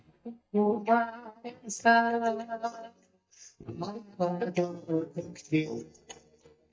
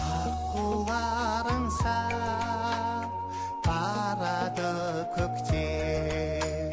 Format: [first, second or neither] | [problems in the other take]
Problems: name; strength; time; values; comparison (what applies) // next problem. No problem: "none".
second | noise reduction (neural mask model DeepFilterNet 3)